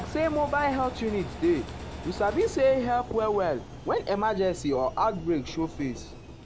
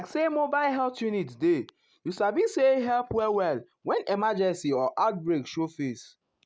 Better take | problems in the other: second | background sound (Engine); 12 dB below the speech

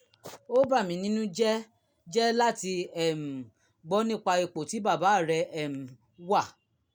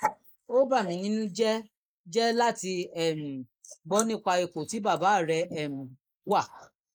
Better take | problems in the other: first | noise reduction (neural mask model Resemble Enhance denoiser)

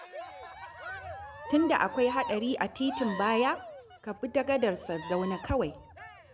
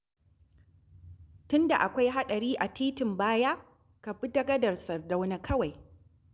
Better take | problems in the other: second | background sound (Cheering); 11 dB below the speech

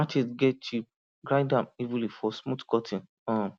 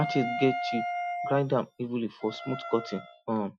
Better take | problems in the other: first | noise reduction (classical method Wiener filter)

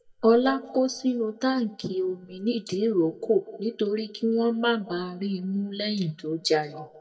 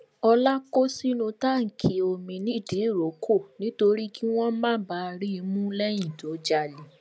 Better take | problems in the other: second | noise reduction (neural mask model DeepFilterNet 3)

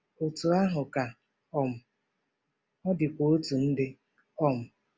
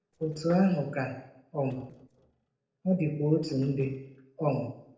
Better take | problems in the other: first | noise reduction (neural separator model SepFormer DNS4)

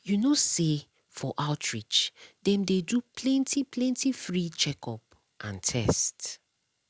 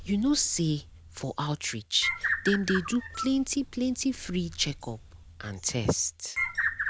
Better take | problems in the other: first | background sound (Bird); 6 dB below the speech

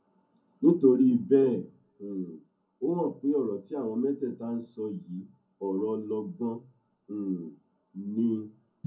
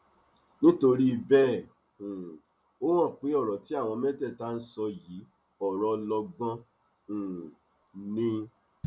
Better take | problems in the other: second | room echo; dies away in 0.4 s

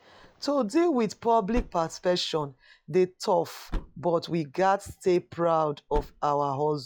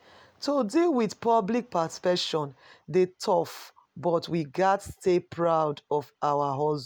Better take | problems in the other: second | noise reduction (classical method log-MMSE)

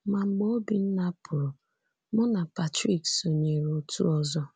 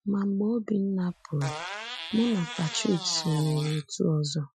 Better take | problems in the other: first | noise reduction (classical method Wiener filter)

